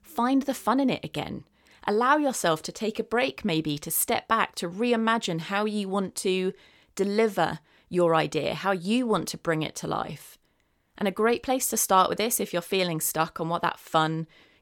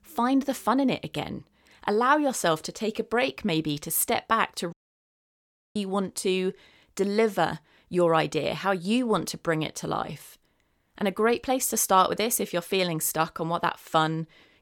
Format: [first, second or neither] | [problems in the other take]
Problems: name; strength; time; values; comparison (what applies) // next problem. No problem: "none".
first | audio cutting out; at 4.5 s for 1 s